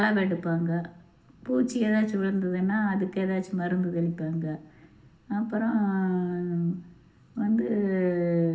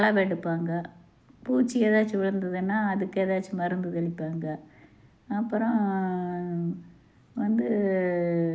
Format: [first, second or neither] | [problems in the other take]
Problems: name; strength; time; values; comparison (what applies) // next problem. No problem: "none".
second | room echo; dies away in 0.7 s